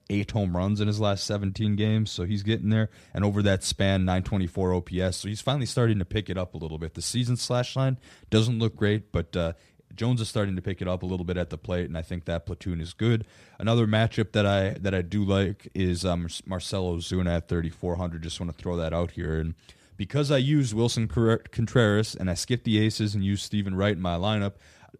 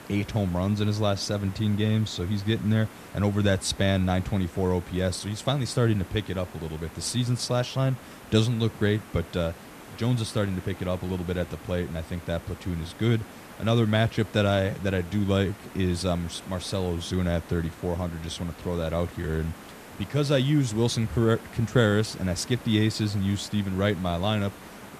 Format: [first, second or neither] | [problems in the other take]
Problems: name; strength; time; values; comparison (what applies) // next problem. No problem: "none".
first | hiss; noticeable; throughout; 15 dB below the speech